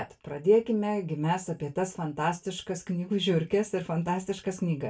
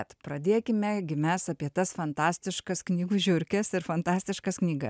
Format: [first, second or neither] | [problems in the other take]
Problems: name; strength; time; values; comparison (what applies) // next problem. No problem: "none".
second | room echo; dies away in 0.2 s